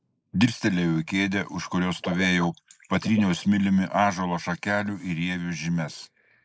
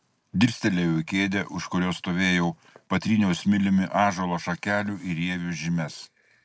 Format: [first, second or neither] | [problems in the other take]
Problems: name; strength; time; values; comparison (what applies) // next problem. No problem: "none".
second | noise reduction (neural mask model Resemble Enhance denoiser)